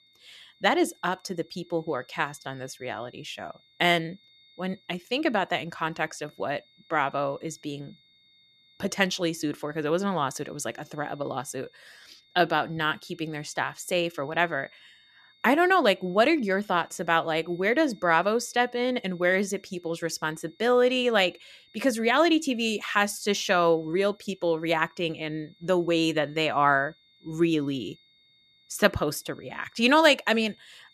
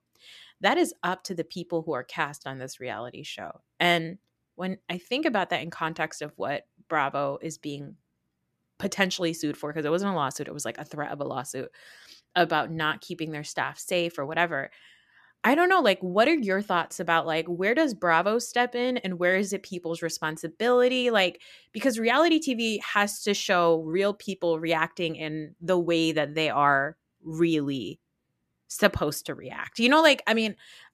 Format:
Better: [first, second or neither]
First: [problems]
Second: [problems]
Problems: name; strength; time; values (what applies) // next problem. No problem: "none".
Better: second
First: high-pitched whine; faint; throughout; 3.5 kHz, 30 dB below the speech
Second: none